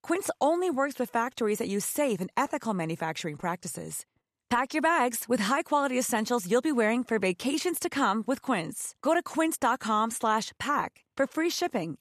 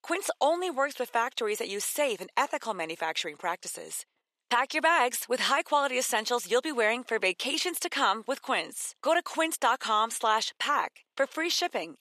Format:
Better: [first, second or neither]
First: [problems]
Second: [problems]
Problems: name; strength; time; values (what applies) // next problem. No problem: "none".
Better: first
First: none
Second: thin; somewhat; fading below 500 Hz